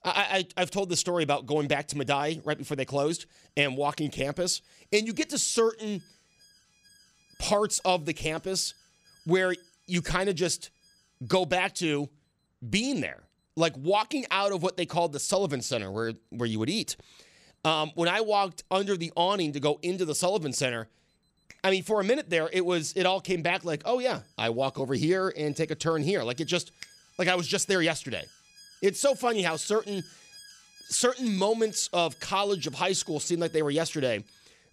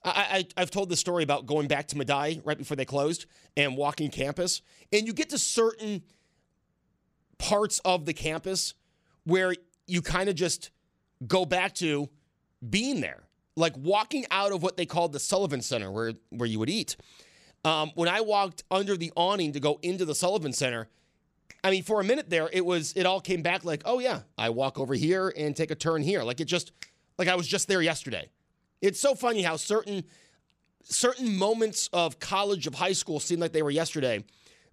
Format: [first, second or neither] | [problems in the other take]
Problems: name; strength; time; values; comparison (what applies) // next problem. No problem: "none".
second | alarms or sirens; faint; throughout; 25 dB below the speech